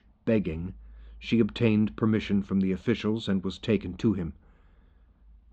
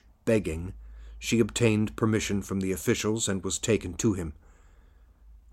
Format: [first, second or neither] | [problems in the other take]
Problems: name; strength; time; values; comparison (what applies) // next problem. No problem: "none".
second | muffled; slightly; fading above 3.5 kHz